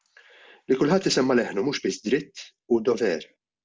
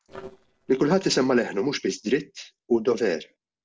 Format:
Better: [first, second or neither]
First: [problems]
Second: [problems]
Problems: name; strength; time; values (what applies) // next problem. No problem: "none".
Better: first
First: none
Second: noise reduction (neural separator model SepFormer DNS4)